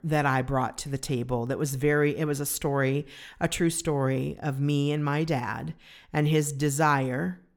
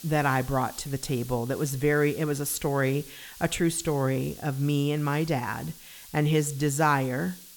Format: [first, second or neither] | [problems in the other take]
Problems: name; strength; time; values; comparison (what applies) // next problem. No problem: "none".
first | hiss; noticeable; throughout; 15 dB below the speech